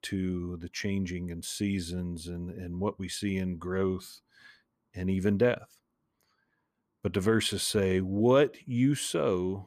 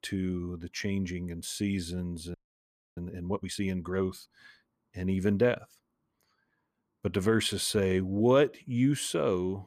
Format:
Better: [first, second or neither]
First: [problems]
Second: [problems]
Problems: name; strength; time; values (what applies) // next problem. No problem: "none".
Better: first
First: none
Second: audio freezing; at 2.5 s for 0.5 s